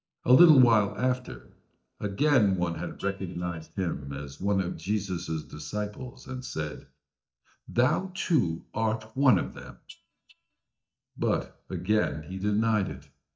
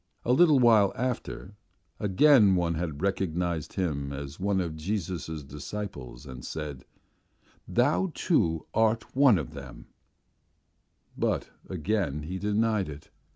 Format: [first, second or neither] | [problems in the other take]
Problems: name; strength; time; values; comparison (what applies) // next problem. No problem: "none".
second | noise reduction (neural mask model DeepFilterNet 3)